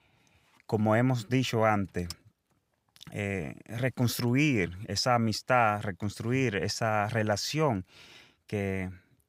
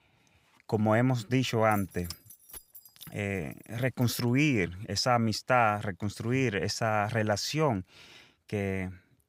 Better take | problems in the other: first | jangling keys; faint; from 1.5 to 4 s; peak 15 dB below the speech

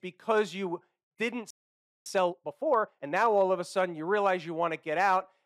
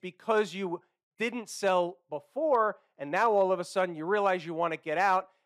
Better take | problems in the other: second | audio freezing; at 1.5 s for 0.5 s

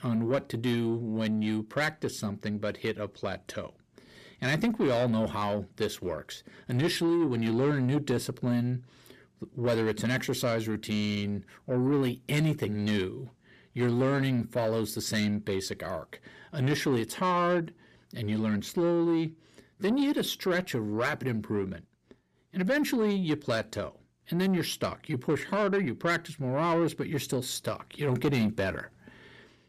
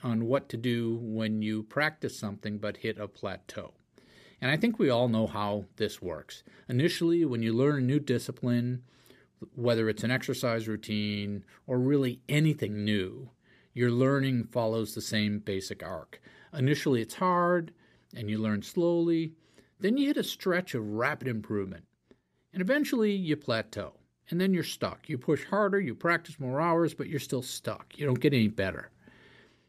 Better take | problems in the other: second | distortion; slight; 10 dB below the speech

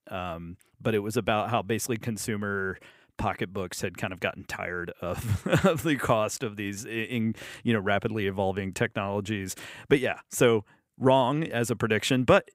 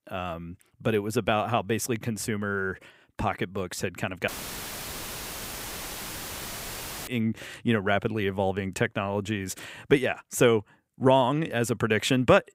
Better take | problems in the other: first | audio cutting out; filled with static; at 4.5 s for 3 s

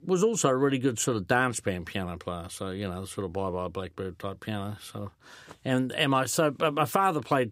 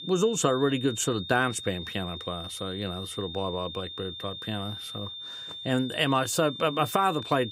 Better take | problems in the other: first | high-pitched whine; loud; throughout; 3.5 kHz, 9 dB below the speech

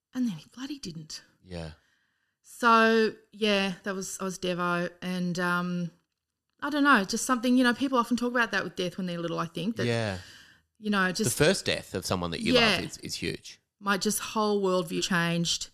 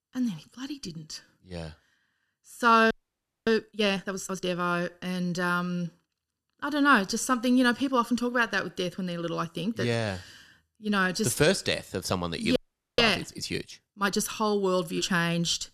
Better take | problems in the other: first | audio freezing; at 3 s for 0.5 s and at 13 s

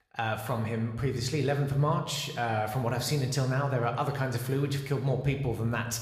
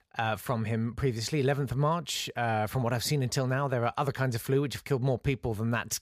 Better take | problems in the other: second | room echo; slight; dies away in 0.9 s

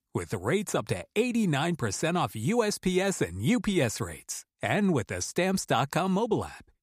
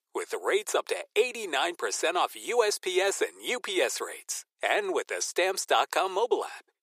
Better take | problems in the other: first | thin; very; fading below 400 Hz

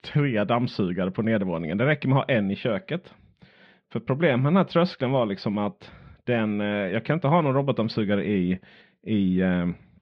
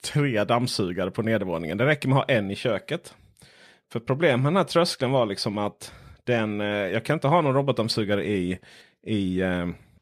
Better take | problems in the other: second | muffled; slightly; fading above 3.5 kHz

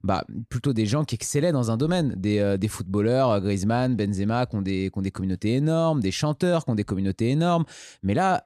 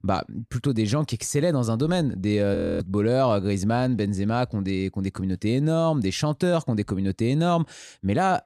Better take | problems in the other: first | audio freezing; at 2.5 s

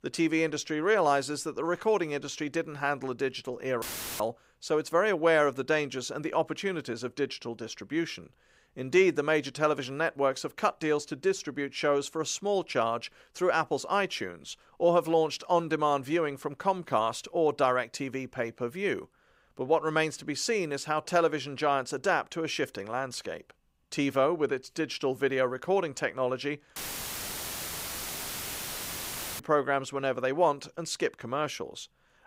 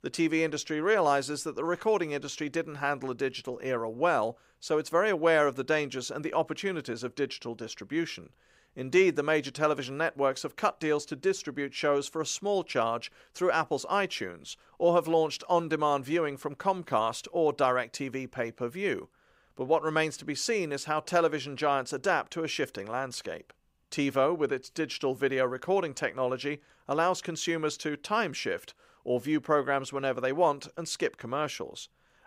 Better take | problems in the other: second | audio cutting out; filled with static; at 4 s and at 27 s for 2.5 s

